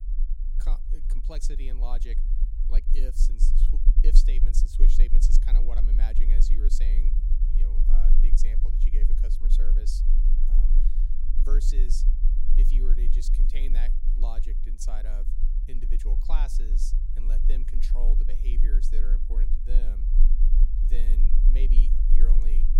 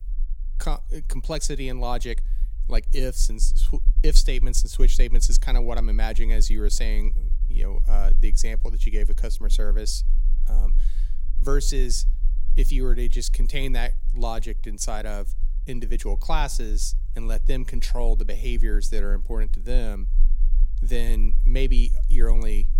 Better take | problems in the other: second | low rumble; loud; throughout; 6 dB below the speech; faint in the second

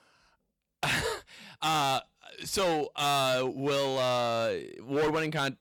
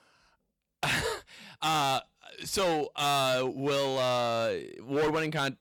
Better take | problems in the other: neither | distortion; heavy; 14% of the sound clipped; the same in both

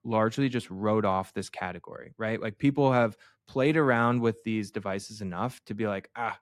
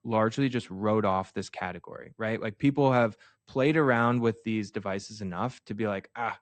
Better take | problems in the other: first | garbled, watery; slightly; nothing above 8 kHz

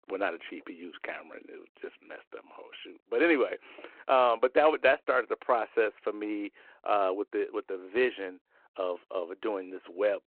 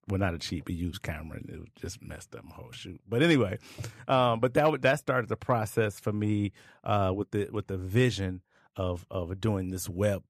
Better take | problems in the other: second | phone-call audio

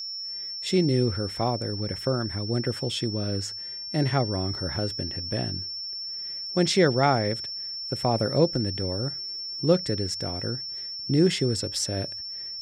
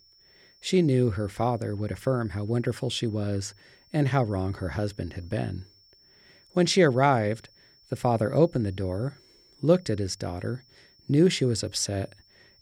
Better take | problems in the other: second | high-pitched whine; loud; throughout; 5.5 kHz, 5 dB below the speech; faint in the second

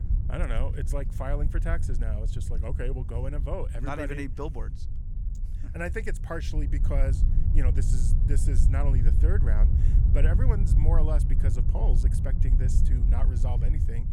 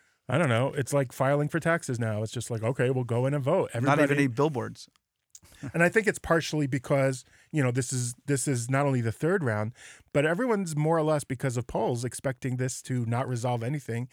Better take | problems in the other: second | low rumble; loud; throughout; 6 dB below the speech

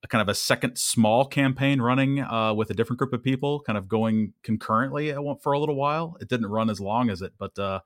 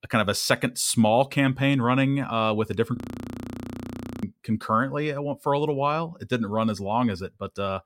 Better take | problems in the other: first | audio freezing; at 3 s for 1.5 s

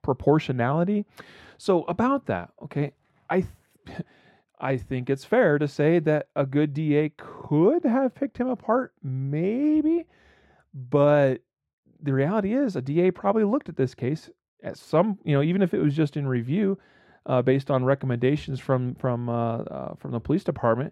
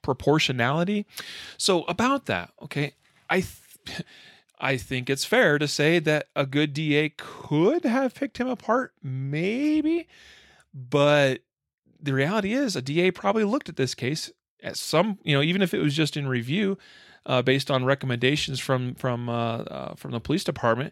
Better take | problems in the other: second | muffled; very; fading above 2 kHz

